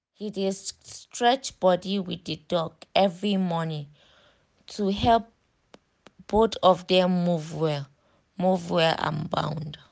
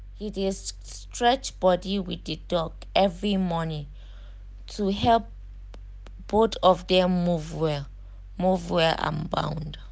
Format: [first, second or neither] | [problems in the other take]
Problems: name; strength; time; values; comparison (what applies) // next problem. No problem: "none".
first | background sound (Mechanical fan); 15 dB below the speech